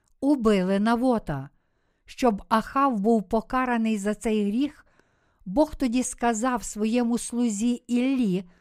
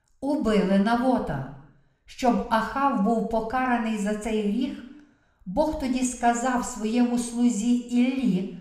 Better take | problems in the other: first | room echo; slight; dies away in 0.7 s

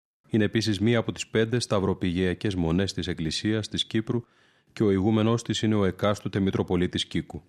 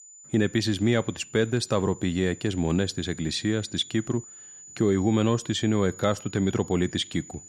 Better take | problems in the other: first | high-pitched whine; noticeable; throughout; 7 kHz, 20 dB below the speech

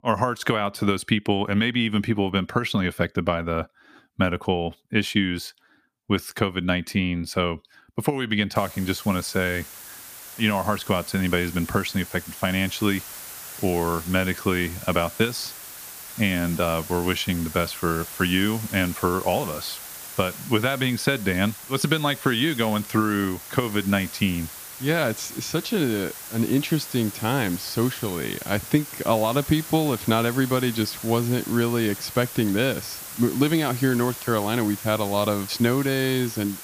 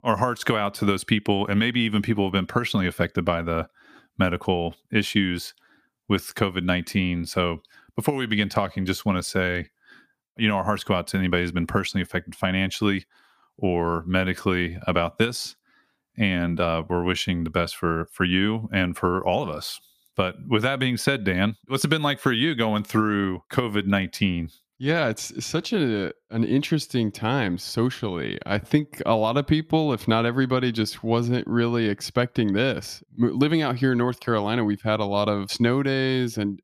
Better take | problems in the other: second | hiss; noticeable; from 8.5 s on; 10 dB below the speech

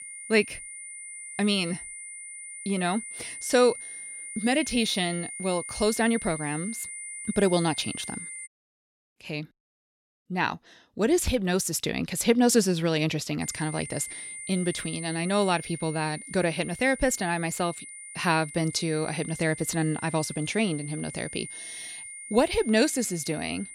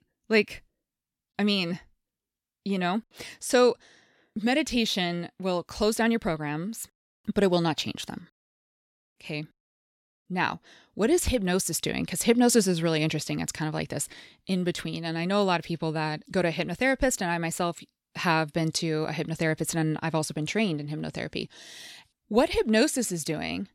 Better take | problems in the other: second | high-pitched whine; noticeable; until 8.5 s and from 13 s on; 9.5 kHz, 10 dB below the speech

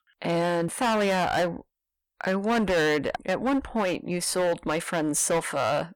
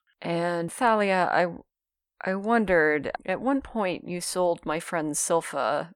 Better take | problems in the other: second | distortion; heavy; 15% of the sound clipped

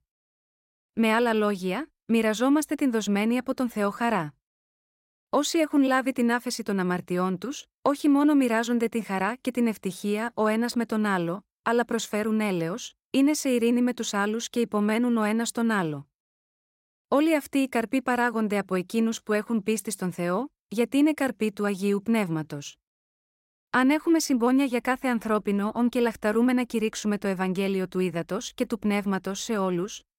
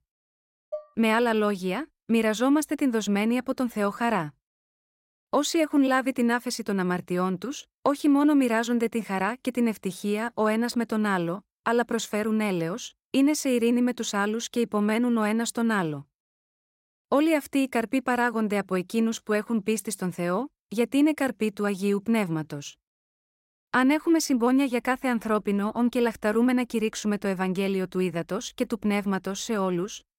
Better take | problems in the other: first | clattering dishes; faint; at 0.5 s; peak 15 dB below the speech

